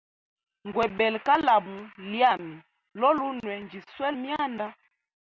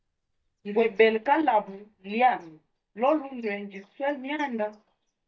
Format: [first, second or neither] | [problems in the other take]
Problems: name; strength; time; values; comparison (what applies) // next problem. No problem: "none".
first | noise reduction (neural mask model DeepFilterNet 3)